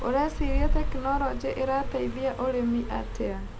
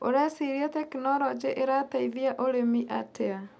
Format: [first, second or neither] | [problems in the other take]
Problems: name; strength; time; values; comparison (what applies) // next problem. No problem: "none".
second | background sound (Car passing by); 1 dB below the speech